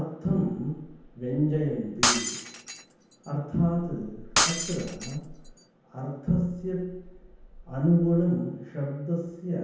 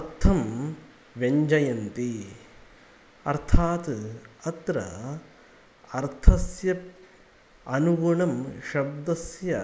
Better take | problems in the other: second | background sound (Shatter); 1 dB below the speech // room echo; dies away in 0.9 s

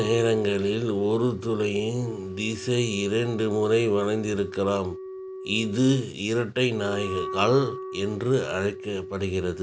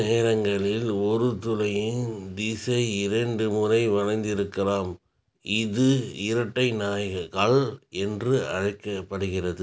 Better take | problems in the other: second | background sound (Wind instrument, woodwind instrument); 12 dB below the speech

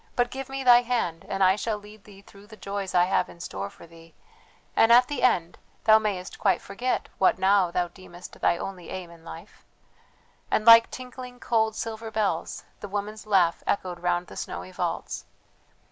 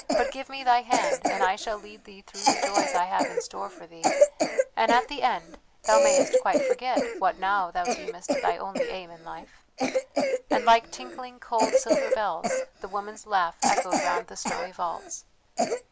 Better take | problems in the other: first | background sound (Cough); 1 dB above the speech

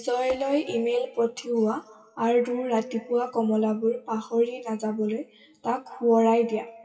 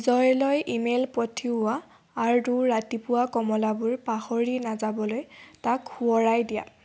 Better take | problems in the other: second | noise reduction (classical method WPE with log-MMSE)

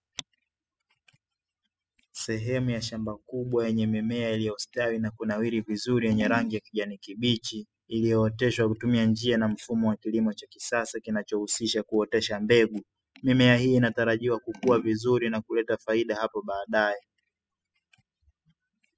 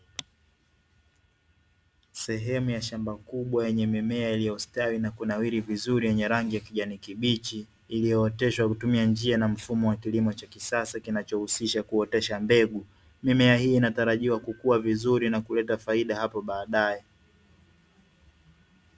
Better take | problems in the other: second | noise reduction (classical method spectral subtraction)

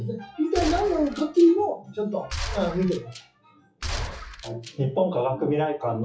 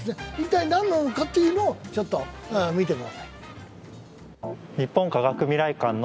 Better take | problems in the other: second | noise reduction (classical method WPE with log-MMSE)

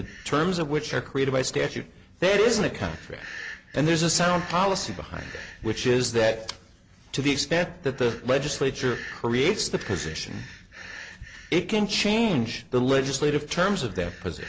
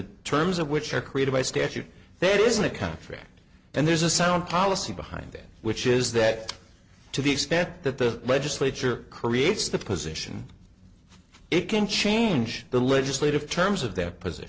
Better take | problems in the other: second | background sound (Breathing); 19 dB below the speech

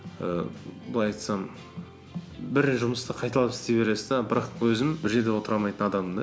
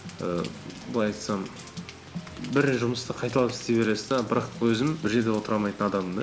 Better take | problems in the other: first | background sound (Rain); 20 dB below the speech

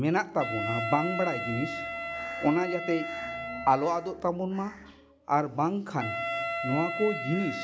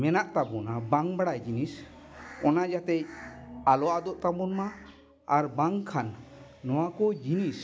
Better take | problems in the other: second | background sound (Wind instrument, woodwind instrument); 6 dB below the speech

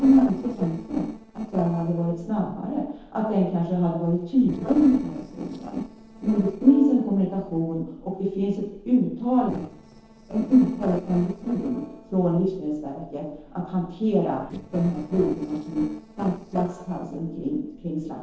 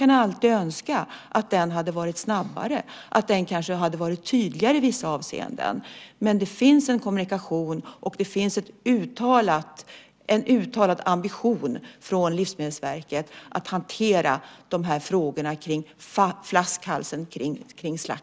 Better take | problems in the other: second | noise reduction (neural separator model SepFormer DNS4)

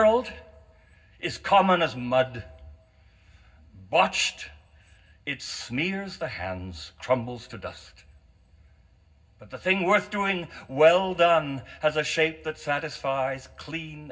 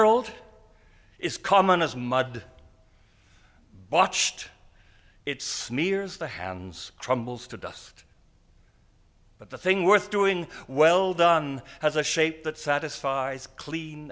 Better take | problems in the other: second | room echo; dies away in 0.4 s

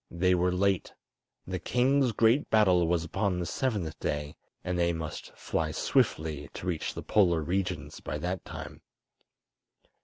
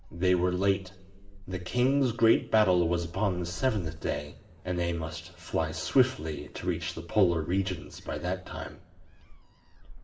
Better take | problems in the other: first | background sound (Gull, seagull); 16 dB below the speech // room echo; dies away in 1.3 s

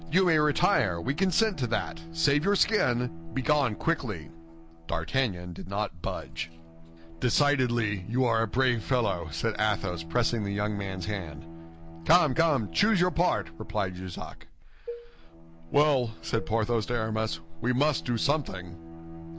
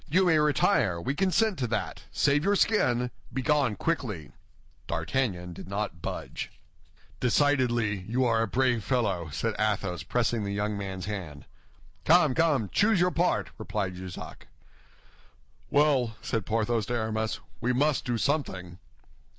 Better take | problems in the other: second | background sound (Dishes, pots, and pans + Bowed string instrument); 16 dB below the speech

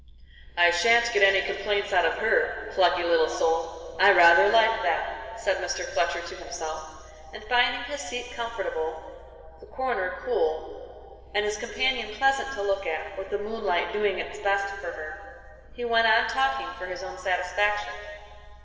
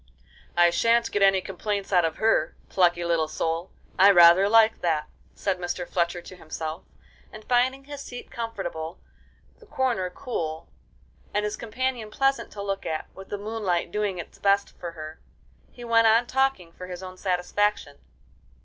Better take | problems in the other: second | room echo; dies away in 2.5 s

